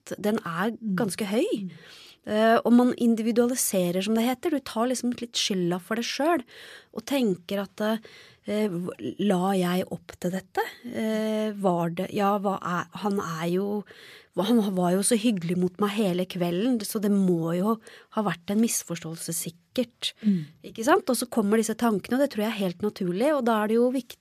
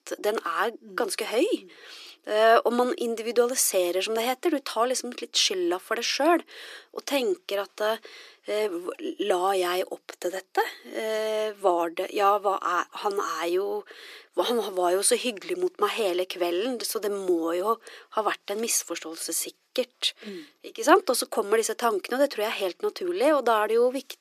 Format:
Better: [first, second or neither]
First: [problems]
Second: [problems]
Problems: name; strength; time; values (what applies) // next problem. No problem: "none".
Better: first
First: none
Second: thin; very; fading below 300 Hz